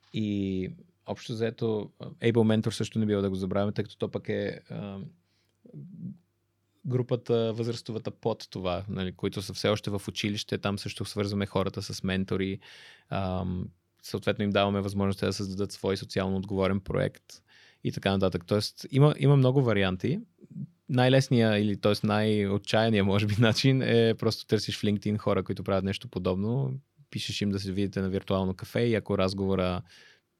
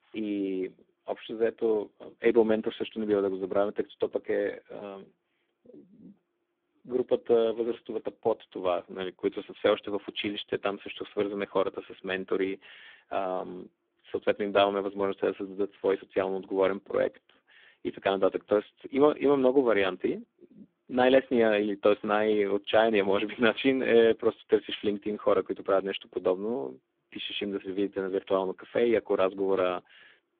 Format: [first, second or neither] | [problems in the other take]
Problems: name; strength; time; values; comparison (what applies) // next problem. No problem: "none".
first | phone-call audio; poor line; nothing above 3.5 kHz